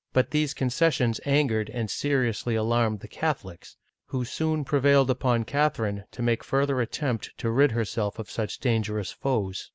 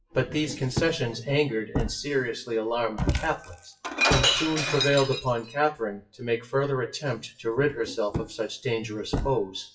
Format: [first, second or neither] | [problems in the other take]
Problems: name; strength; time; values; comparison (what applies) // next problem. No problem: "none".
first | noise reduction (classical method WPE with log-MMSE)